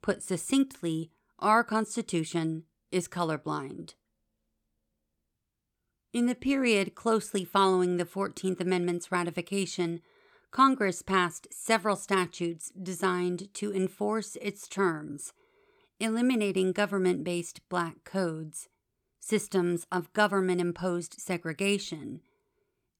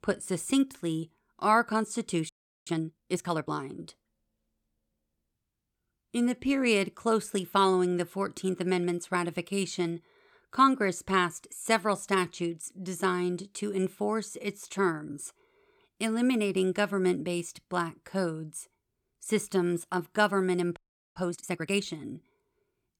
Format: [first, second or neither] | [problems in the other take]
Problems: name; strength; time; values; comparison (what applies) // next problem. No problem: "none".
first | audio freezing; at 2.5 s and at 21 s